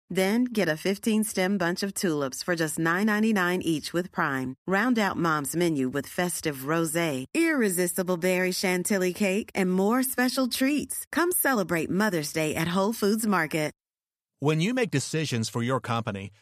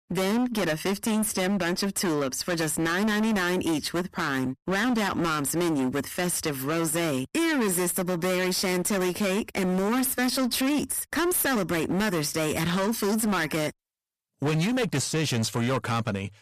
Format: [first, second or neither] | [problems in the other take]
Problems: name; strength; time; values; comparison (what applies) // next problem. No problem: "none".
first | distortion; heavy; 29% of the sound clipped